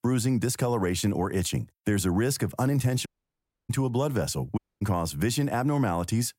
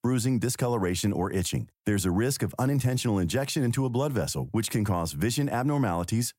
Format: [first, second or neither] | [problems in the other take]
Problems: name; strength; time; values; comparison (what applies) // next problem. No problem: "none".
second | audio cutting out; at 3 s for 0.5 s and at 4.5 s